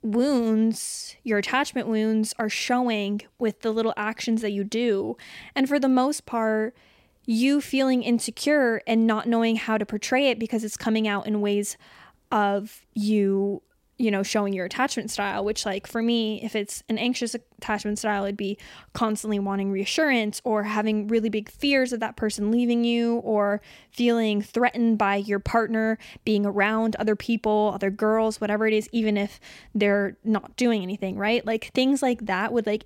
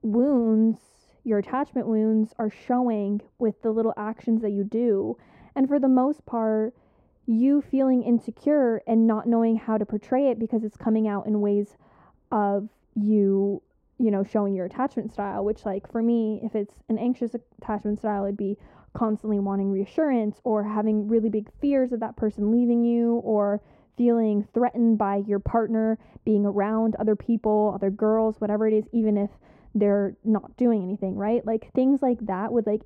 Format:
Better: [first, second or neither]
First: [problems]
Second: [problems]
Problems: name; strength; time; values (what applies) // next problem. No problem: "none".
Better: first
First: none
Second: muffled; very; fading above 1.5 kHz